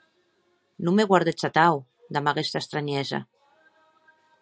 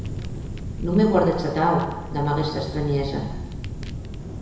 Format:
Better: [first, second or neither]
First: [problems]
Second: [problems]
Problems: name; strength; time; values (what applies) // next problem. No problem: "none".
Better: first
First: none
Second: background sound (Fire); 7 dB below the speech // room echo; dies away in 1 s